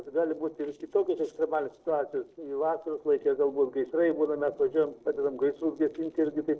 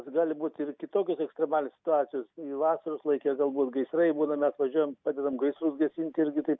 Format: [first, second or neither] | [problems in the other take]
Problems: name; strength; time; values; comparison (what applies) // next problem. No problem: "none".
second | noise reduction (neural separator model SepFormer DNS4)